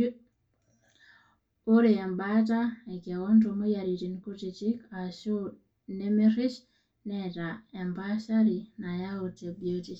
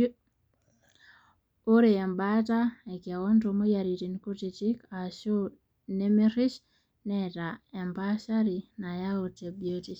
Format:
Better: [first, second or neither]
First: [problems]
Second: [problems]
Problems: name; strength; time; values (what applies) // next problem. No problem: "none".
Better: second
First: room echo; dies away in 0.2 s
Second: none